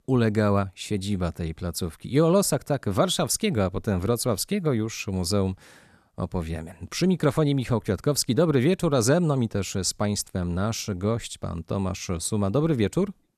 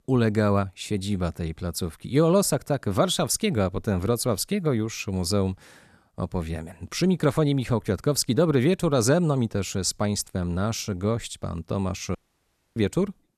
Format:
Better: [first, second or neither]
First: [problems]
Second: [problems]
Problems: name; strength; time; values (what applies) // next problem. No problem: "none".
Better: first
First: none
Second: audio cutting out; at 12 s for 0.5 s